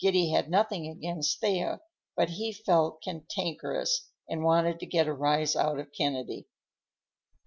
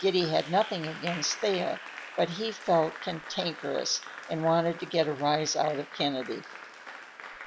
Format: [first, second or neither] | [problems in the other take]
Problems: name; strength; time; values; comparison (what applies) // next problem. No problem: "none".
first | background sound (Applause); 13 dB below the speech